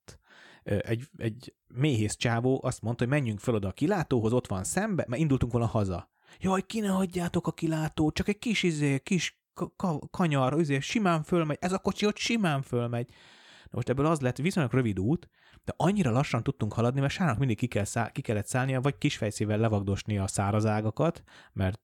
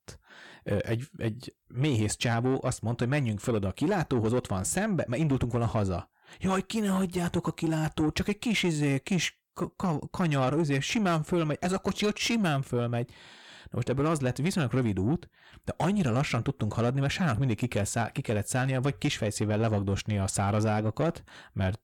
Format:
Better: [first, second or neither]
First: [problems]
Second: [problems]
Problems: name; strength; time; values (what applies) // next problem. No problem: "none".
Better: first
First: none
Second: distortion; slight; 10 dB below the speech